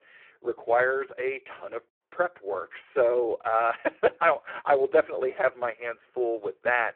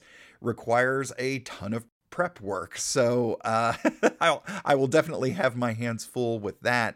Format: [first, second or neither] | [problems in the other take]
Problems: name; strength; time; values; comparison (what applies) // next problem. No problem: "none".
second | phone-call audio; poor line